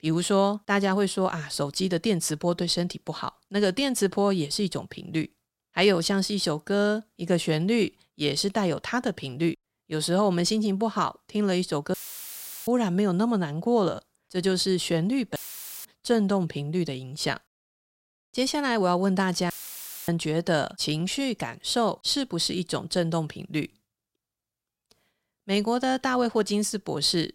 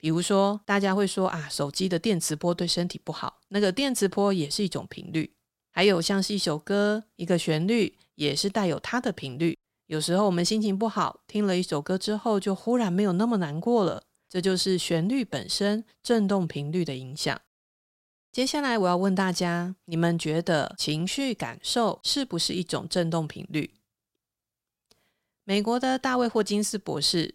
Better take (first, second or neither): second